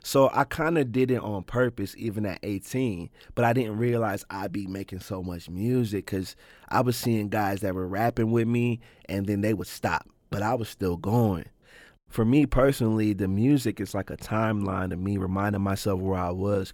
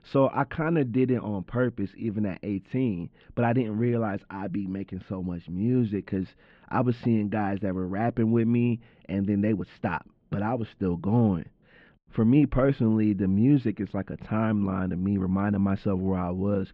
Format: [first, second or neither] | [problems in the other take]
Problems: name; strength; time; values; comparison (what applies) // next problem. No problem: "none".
first | muffled; very; fading above 3 kHz